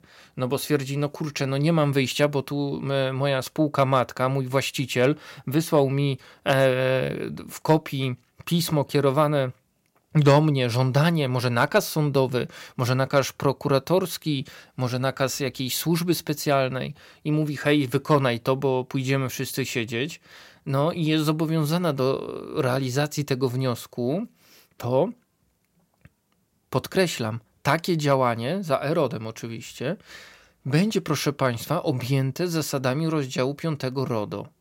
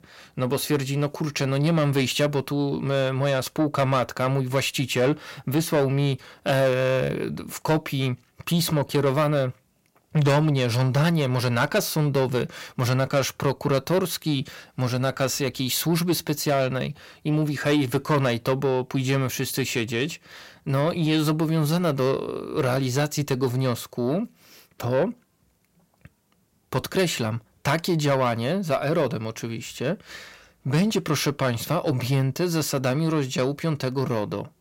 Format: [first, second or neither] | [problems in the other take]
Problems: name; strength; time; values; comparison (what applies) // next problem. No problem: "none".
first | distortion; slight; 10 dB below the speech